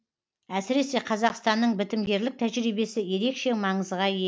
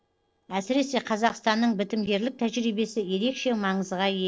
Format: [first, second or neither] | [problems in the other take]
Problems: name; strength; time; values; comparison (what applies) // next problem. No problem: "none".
first | noise reduction (neural separator model SepFormer DNS4)